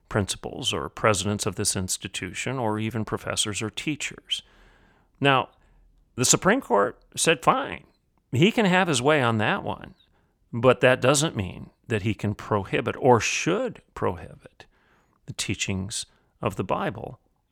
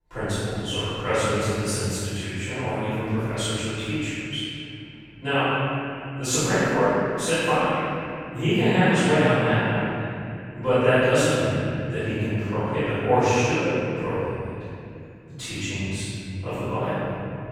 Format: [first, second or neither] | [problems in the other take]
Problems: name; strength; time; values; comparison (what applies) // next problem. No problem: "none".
first | off-mic speech; far // room echo; strong; dies away in 3 s